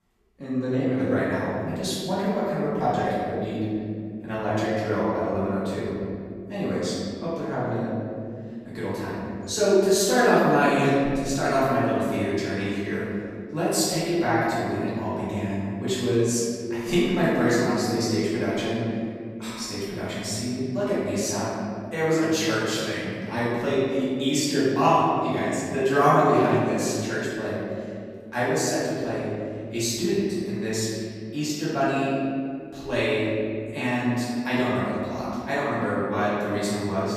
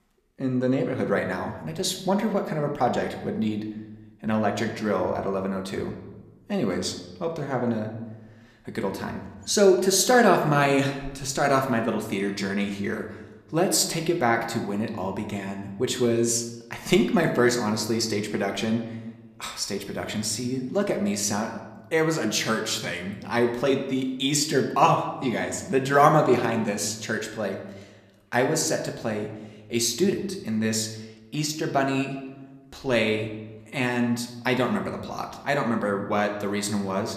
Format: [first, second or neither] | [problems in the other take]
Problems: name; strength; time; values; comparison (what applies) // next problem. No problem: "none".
second | room echo; strong; dies away in 2.4 s; slight in the second // off-mic speech; far